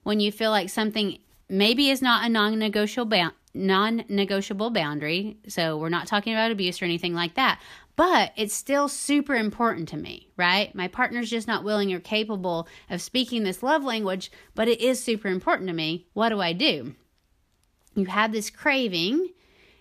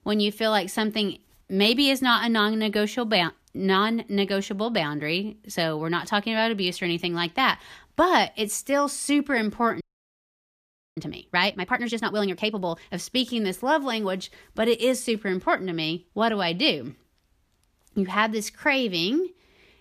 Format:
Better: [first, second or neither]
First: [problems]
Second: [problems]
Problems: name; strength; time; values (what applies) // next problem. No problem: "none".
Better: first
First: none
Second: audio freezing; at 10 s for 1 s